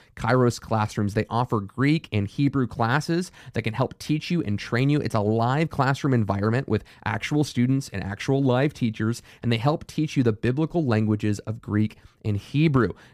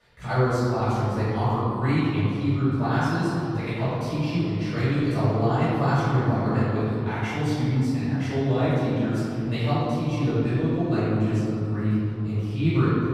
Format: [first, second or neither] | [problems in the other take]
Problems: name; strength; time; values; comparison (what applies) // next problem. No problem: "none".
first | room echo; strong; dies away in 2.7 s // off-mic speech; far